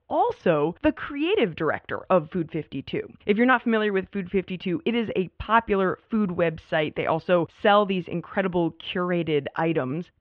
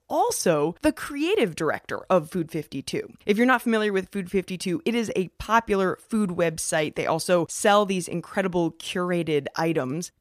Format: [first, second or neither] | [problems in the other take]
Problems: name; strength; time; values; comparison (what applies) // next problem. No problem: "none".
second | muffled; very; fading above 3 kHz